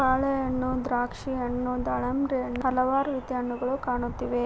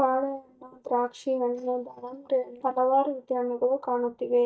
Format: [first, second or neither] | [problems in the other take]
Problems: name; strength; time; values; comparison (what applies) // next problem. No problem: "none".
first | noise reduction (neural mask model DeepFilterNet 3)